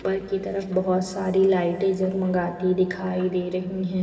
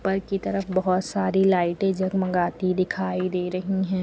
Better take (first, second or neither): second